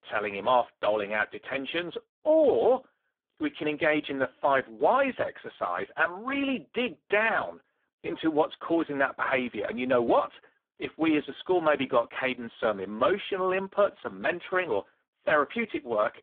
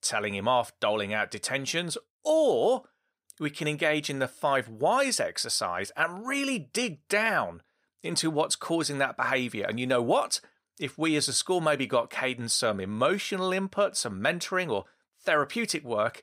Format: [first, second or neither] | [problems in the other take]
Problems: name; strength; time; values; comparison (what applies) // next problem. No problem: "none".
second | phone-call audio; poor line